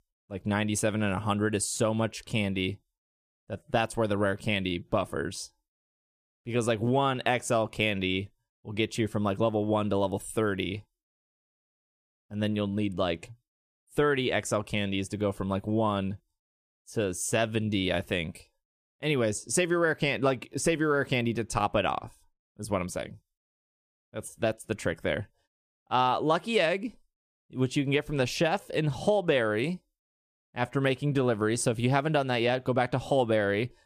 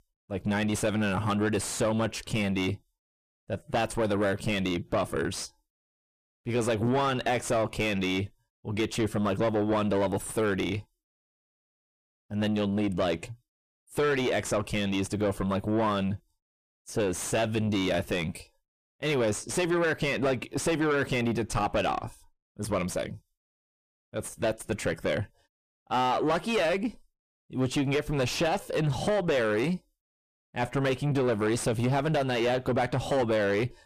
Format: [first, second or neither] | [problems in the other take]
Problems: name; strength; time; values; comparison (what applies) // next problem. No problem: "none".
first | distortion; heavy; 5 dB below the speech